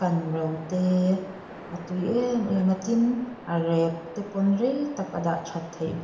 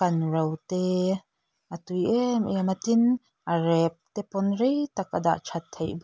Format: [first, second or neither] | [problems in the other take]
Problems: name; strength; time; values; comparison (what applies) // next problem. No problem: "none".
second | background sound (Waves, surf); 16 dB below the speech // room echo; dies away in 0.8 s